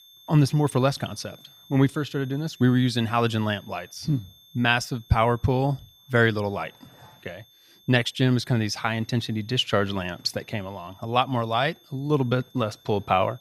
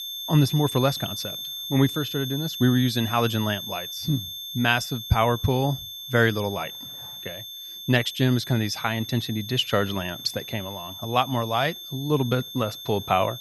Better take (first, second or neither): first